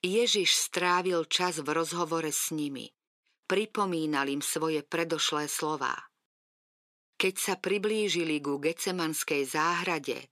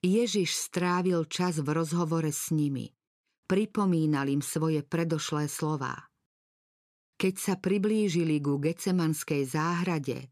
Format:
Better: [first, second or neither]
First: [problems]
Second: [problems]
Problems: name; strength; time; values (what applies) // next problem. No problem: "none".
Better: second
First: thin; somewhat; fading below 400 Hz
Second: none